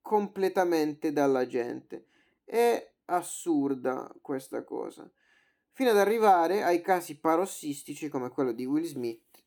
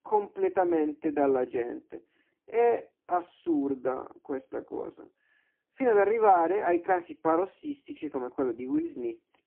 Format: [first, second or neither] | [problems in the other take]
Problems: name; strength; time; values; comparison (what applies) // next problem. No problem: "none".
first | phone-call audio; poor line